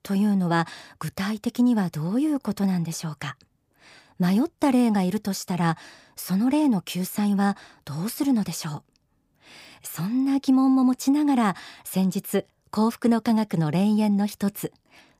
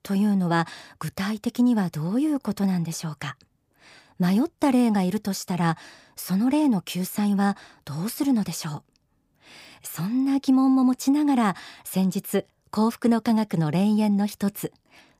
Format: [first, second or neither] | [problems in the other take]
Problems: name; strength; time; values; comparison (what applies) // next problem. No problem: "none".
neither | none